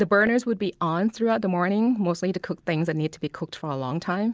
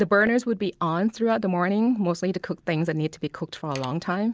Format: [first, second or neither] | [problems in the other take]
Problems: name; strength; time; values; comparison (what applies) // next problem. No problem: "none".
first | background sound (Mechanisms); 17 dB below the speech